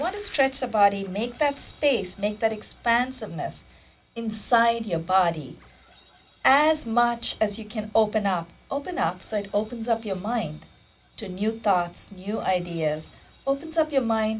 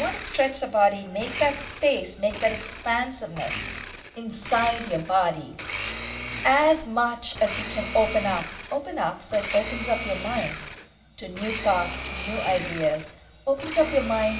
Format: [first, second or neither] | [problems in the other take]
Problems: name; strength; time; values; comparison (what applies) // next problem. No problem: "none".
first | background sound (Domestic sounds, home sounds); 9 dB below the speech // room echo; dies away in 0.6 s